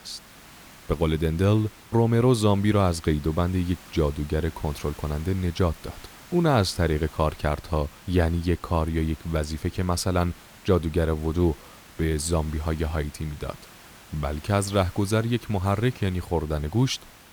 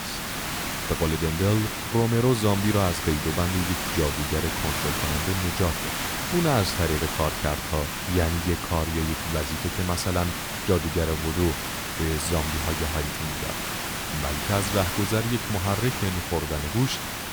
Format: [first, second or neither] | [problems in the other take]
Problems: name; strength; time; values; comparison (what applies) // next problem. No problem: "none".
first | hiss; loud; throughout; 2 dB below the speech; faint in the first